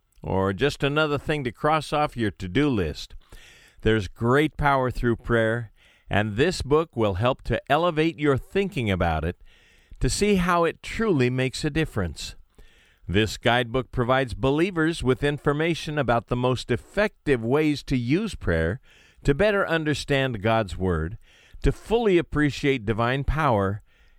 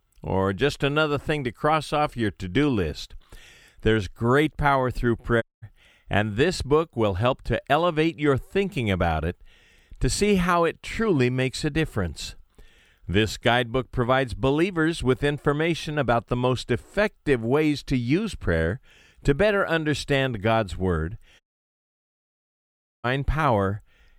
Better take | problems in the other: first | audio cutting out; at 5.5 s and at 21 s for 1.5 s

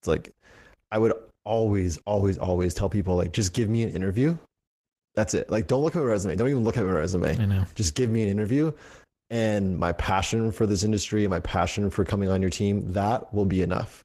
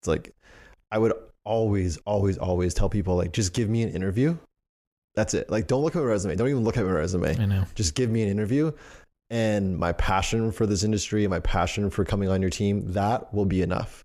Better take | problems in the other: second | garbled, watery; slightly; nothing above 14.5 kHz

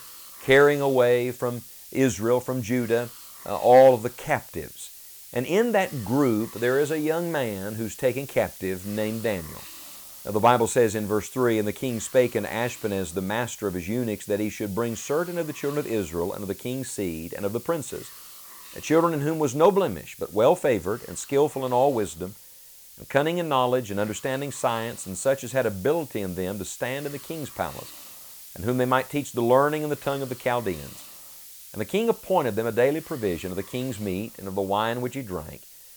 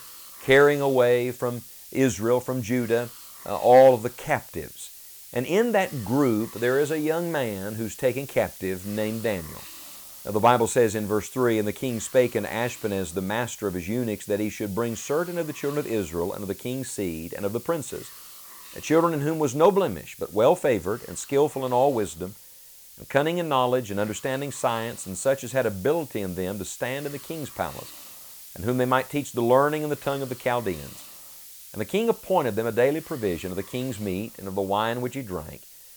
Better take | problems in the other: neither | hiss; noticeable; throughout; 15 dB below the speech; the same in both

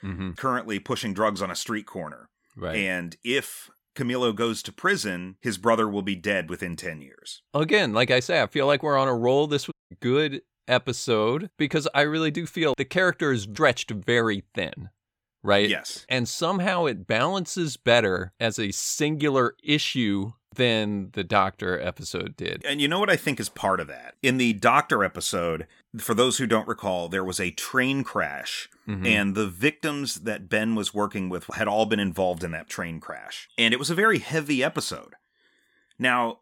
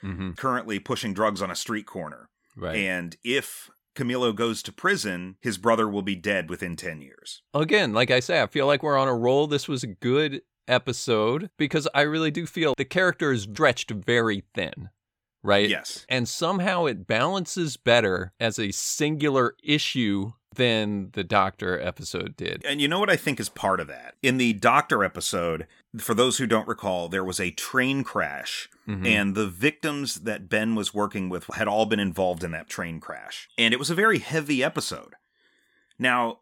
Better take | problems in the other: second | audio cutting out; at 9.5 s

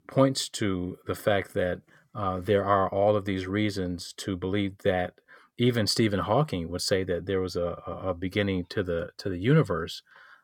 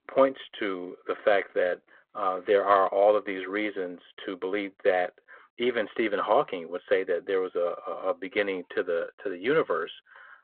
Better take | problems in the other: first | phone-call audio

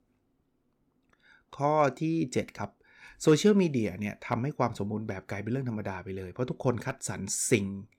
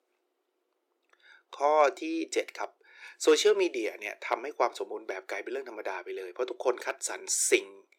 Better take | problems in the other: first | thin; very; fading below 350 Hz

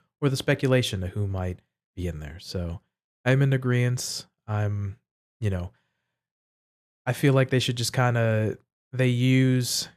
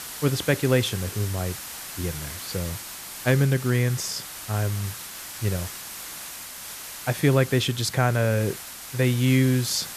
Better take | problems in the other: first | hiss; noticeable; throughout; 10 dB below the speech

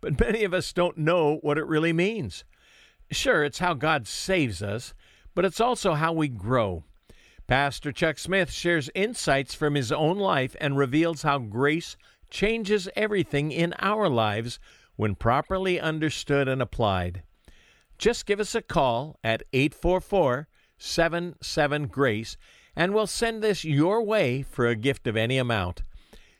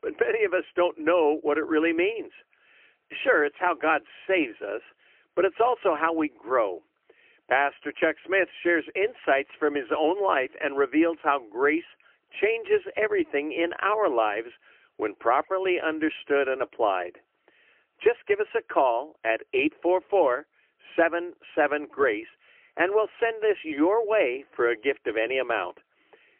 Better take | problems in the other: first | phone-call audio; poor line; nothing above 3 kHz

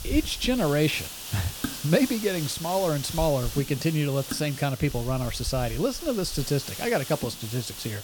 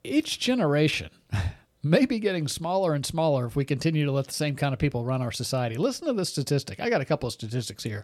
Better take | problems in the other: second | hiss; loud; throughout; 8 dB below the speech

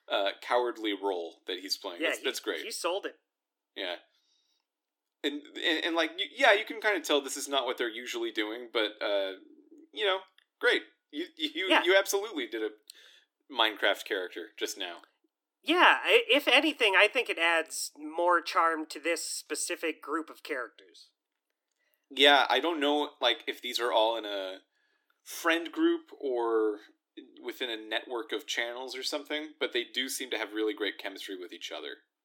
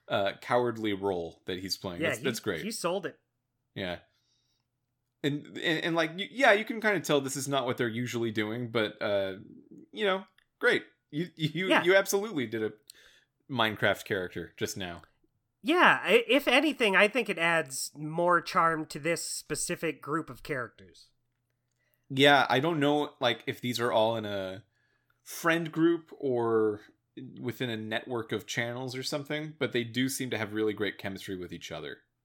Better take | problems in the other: second | thin; somewhat; fading below 300 Hz

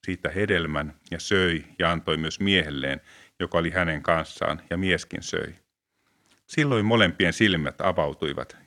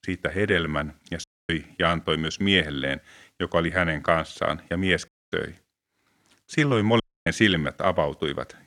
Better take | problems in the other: first | audio cutting out; at 1 s, at 5 s and at 7 s

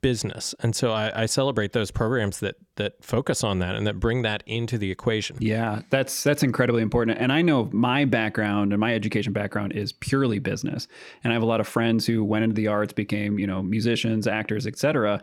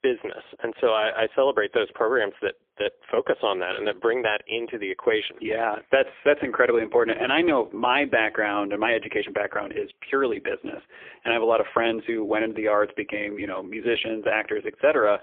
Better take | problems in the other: first | phone-call audio; poor line; nothing above 3.5 kHz

